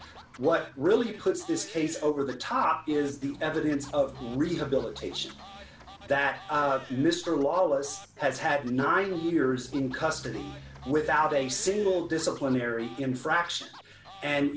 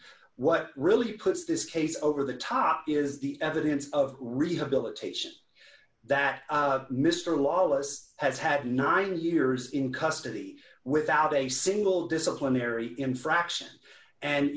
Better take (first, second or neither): second